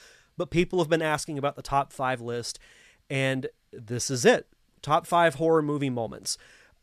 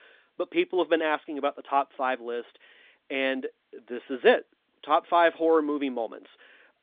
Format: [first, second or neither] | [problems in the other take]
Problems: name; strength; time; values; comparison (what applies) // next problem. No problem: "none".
first | phone-call audio